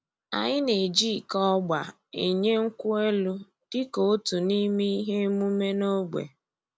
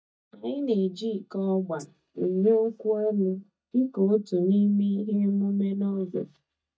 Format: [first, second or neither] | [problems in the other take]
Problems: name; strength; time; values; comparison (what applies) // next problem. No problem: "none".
first | noise reduction (neural mask model DeepFilterNet 3)